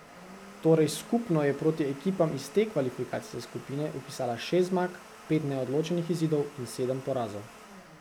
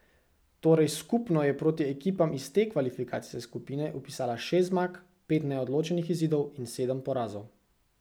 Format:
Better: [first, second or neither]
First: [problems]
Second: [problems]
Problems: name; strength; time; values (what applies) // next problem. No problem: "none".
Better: second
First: background sound (Domestic sounds, home sounds); 19 dB below the speech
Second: none